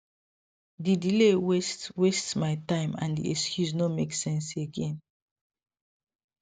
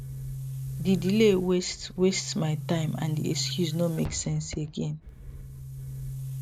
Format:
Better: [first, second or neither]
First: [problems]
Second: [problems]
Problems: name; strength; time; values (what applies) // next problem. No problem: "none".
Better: first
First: none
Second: background sound (Boom); 8 dB below the speech